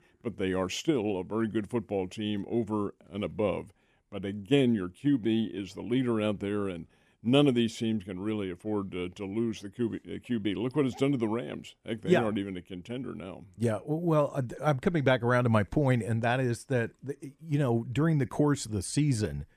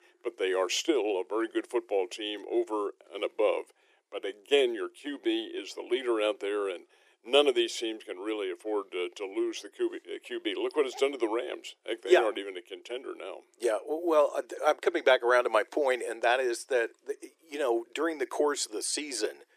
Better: first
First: none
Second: thin; very; fading below 350 Hz

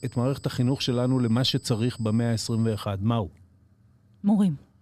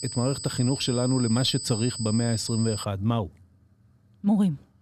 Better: first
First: high-pitched whine; faint; until 3 s; 8 kHz, 25 dB below the speech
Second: high-pitched whine; loud; until 3 s; 8 kHz, 8 dB below the speech

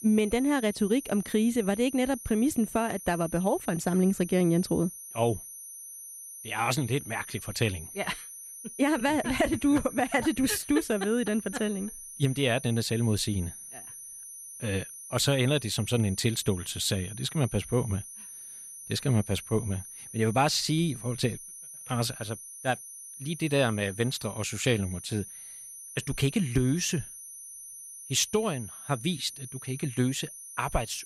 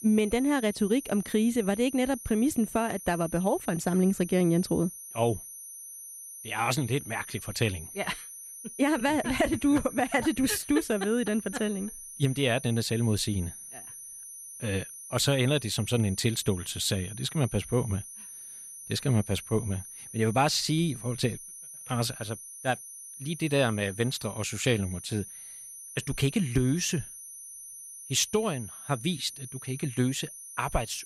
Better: neither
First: high-pitched whine; noticeable; throughout; 9.5 kHz, 10 dB below the speech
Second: high-pitched whine; noticeable; throughout; 9.5 kHz, 10 dB below the speech

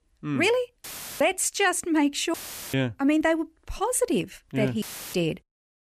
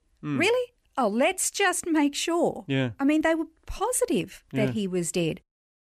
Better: second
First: audio cutting out; filled with static; at 1 s, at 2.5 s and at 5 s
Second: none

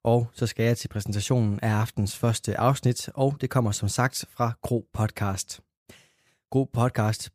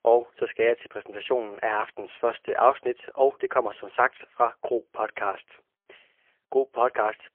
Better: first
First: none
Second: phone-call audio; poor line; nothing above 3 kHz

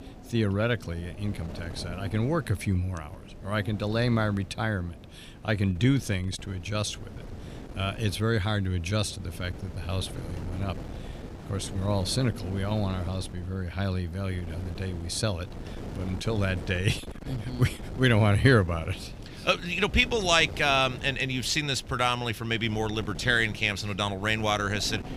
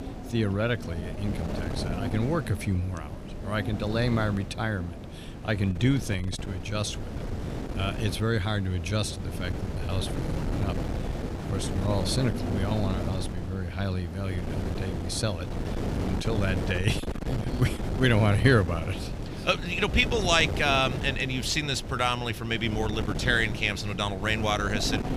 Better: first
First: wind noise on the microphone; occasional gusts; 20 dB below the speech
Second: wind noise on the microphone; heavy; 10 dB below the speech

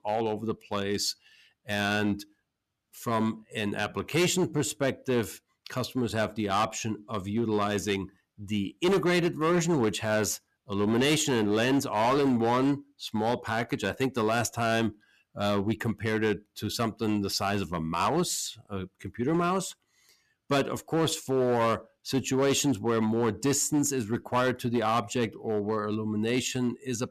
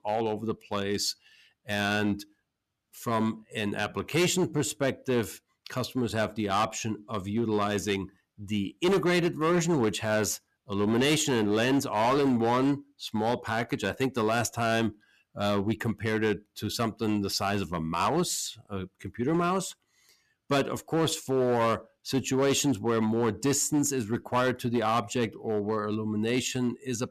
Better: neither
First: distortion; slight; 7% of the sound clipped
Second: distortion; slight; 7% of the sound clipped

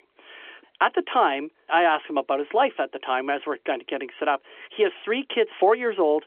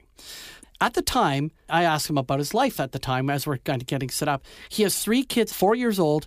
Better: second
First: phone-call audio; nothing above 3.5 kHz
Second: none

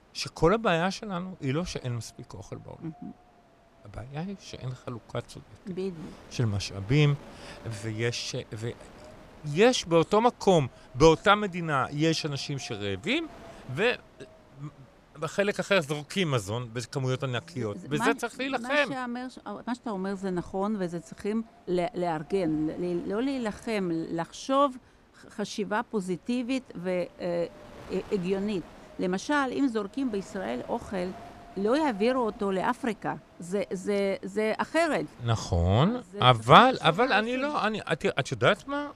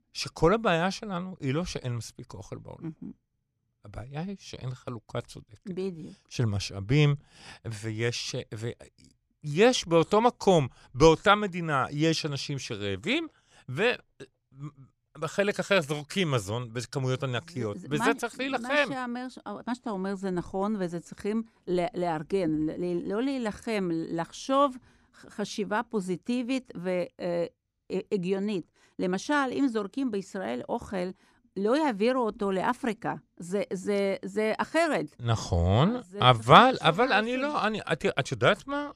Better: second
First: wind noise on the microphone; occasional gusts; 25 dB below the speech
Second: none

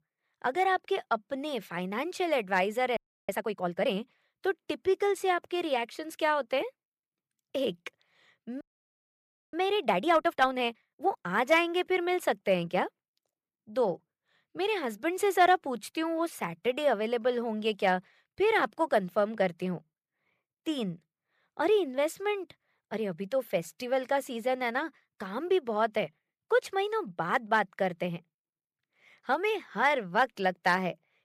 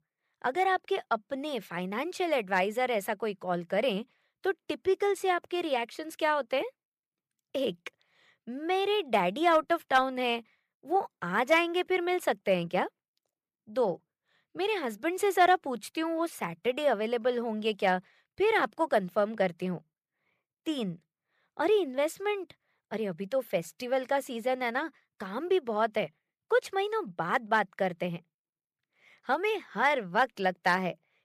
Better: second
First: audio freezing; at 3 s and at 8.5 s for 1 s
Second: none

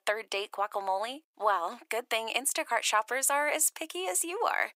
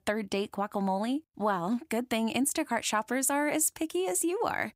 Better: second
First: thin; very; fading below 450 Hz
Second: none

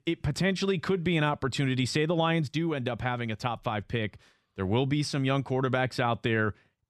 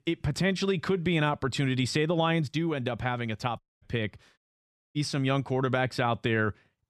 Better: first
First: none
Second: audio cutting out; at 3.5 s and at 4.5 s for 0.5 s

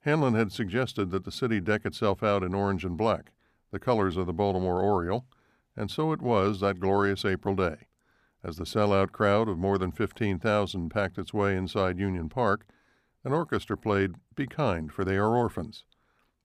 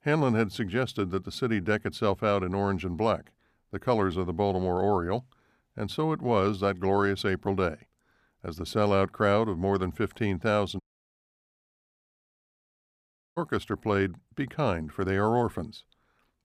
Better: first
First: none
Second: audio cutting out; at 11 s for 2.5 s

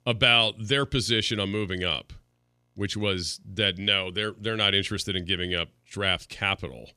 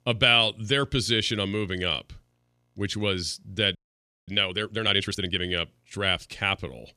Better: first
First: none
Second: audio freezing; at 4 s for 0.5 s

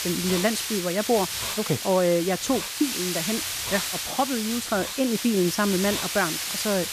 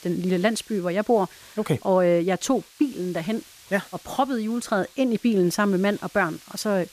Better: second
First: hiss; loud; throughout; 2 dB below the speech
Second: hiss; faint; throughout; 25 dB below the speech

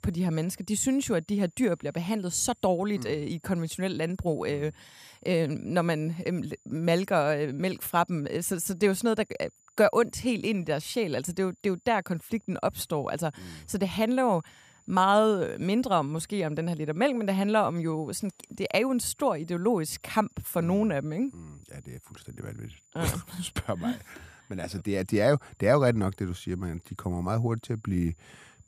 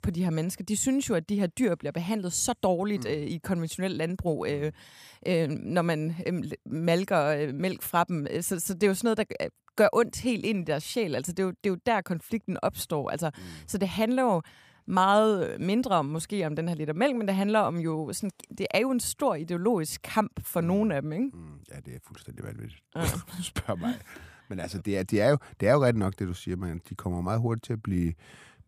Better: second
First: high-pitched whine; faint; throughout; 7 kHz, 35 dB below the speech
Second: none

